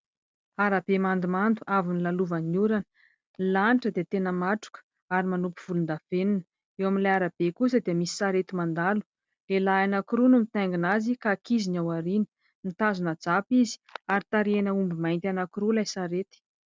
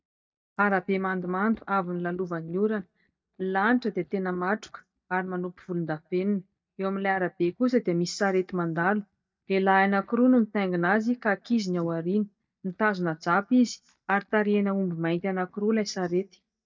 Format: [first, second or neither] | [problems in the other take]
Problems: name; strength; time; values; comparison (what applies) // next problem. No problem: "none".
first | noise reduction (neural mask model DeepFilterNet 3)